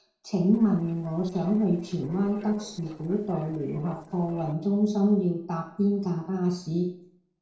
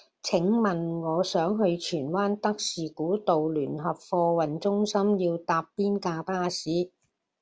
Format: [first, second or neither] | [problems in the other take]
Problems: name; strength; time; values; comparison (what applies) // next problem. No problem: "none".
second | noise reduction (neural separator model SepFormer DNS4)